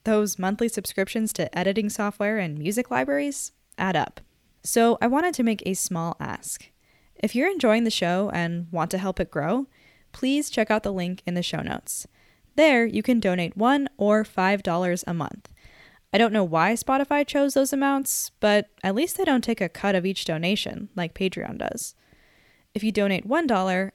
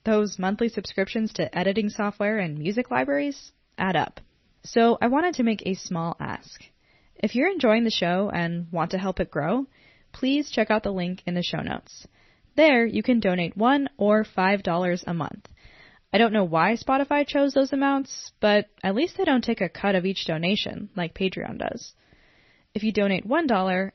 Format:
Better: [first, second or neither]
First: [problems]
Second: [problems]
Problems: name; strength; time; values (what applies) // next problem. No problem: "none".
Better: first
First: none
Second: garbled, watery; slightly; nothing above 6 kHz